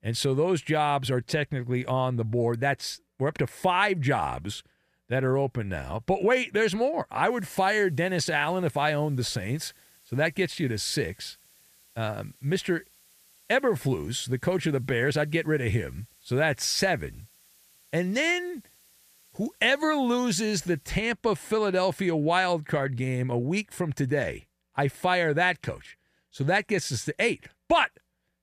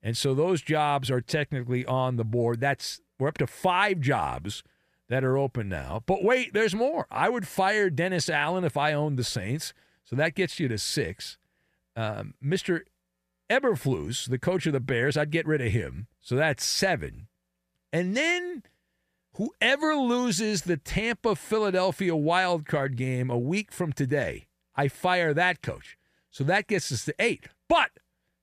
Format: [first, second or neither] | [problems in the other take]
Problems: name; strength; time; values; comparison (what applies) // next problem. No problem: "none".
second | hiss; faint; from 7.5 to 21 s; 30 dB below the speech